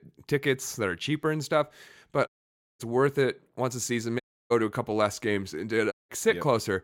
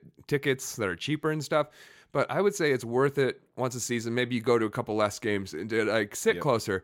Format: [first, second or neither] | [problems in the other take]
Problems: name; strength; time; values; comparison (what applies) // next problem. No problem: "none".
second | audio cutting out; at 2.5 s for 0.5 s, at 4 s and at 6 s